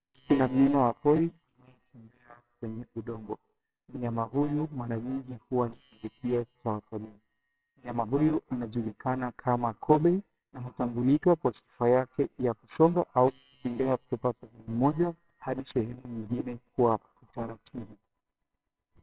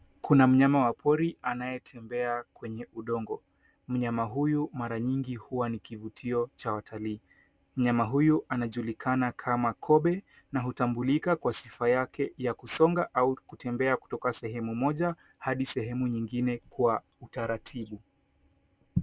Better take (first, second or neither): second